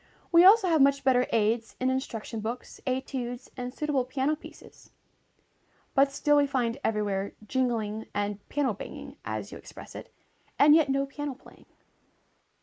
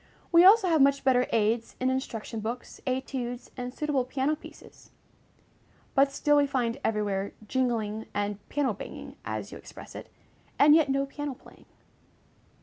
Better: second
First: noise reduction (neural mask model Resemble Enhance denoiser)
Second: none

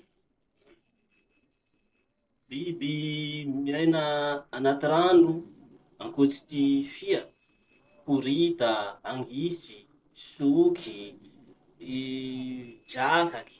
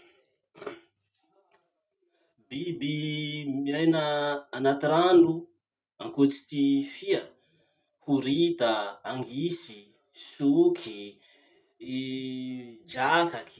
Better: second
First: noise reduction (neural separator model SepFormer DNS4)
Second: none

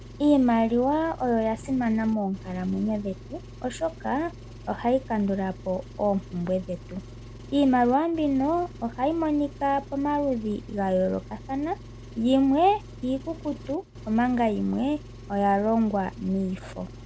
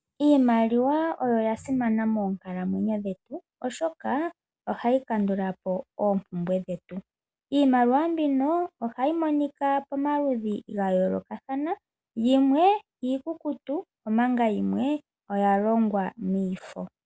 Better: second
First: background sound (Engine); 16 dB below the speech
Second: none

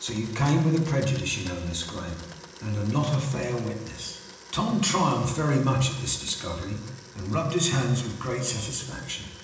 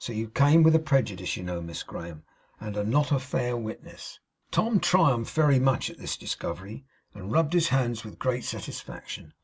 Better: second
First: background sound (Domestic sounds, home sounds); 19 dB below the speech // room echo; dies away in 1 s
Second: none

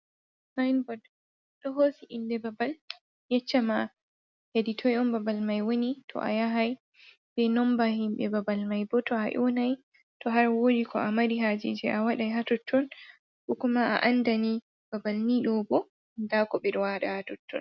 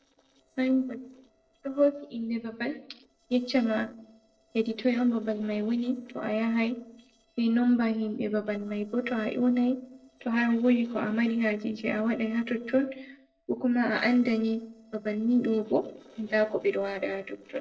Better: first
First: none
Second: noise reduction (neural separator model SepFormer DNS4)

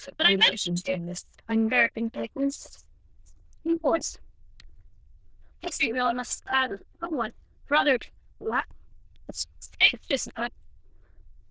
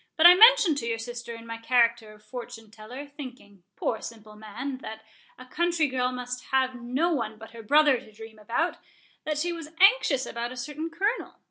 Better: second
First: noise reduction (neural diffusion model UNIVERSE++)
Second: none

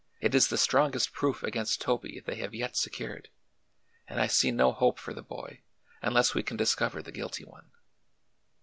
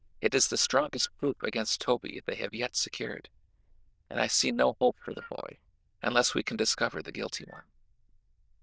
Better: first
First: none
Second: noise reduction (neural diffusion model UNIVERSE++)

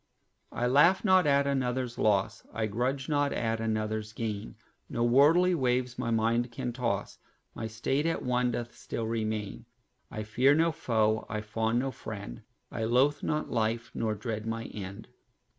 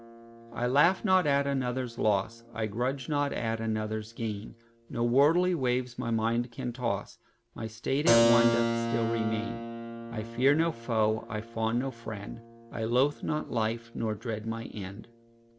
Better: first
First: none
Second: background sound (Keyboard (musical)); 6 dB below the speech

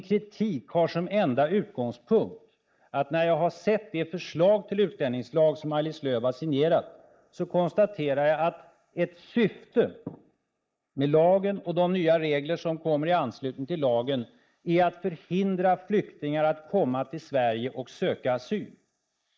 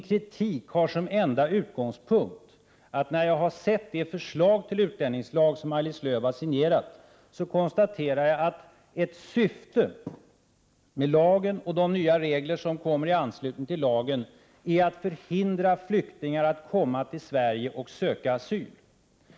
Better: second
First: noise reduction (neural mask model Resemble Enhance denoiser)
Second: none

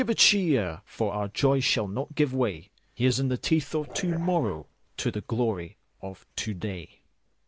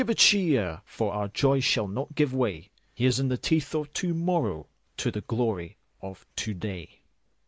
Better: second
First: background sound (Dog); 15 dB below the speech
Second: none

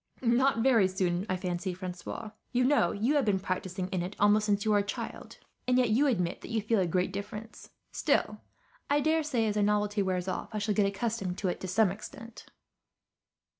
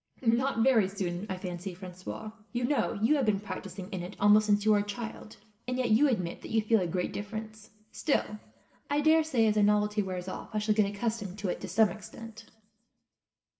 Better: first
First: none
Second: room echo; dies away in 0.9 s

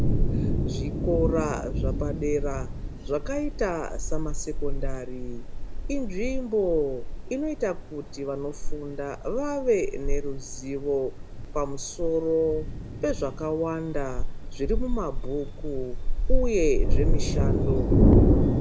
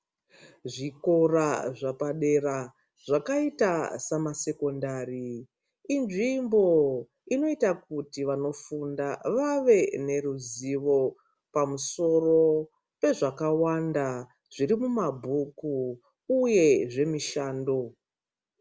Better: second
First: background sound (Thunder); 5 dB above the speech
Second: none

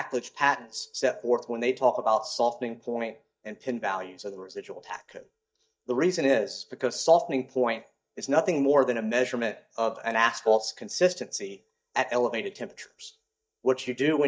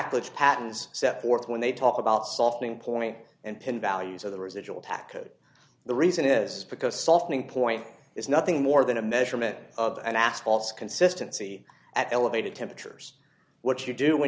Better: second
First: noise reduction (neural mask model DeepFilterNet 3)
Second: none

